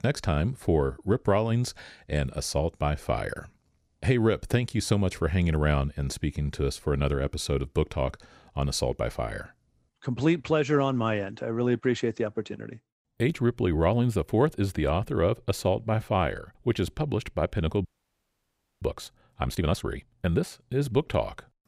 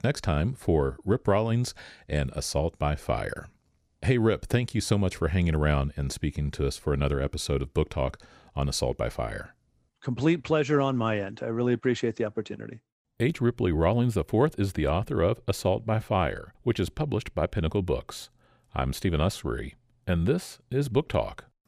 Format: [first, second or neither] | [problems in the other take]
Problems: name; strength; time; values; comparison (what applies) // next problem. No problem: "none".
second | audio freezing; at 18 s for 1 s